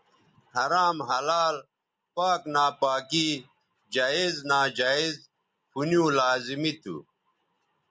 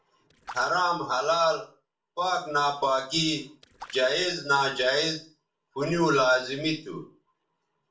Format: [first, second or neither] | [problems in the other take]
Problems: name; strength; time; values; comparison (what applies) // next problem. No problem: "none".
first | noise reduction (neural separator model SepFormer DNS4)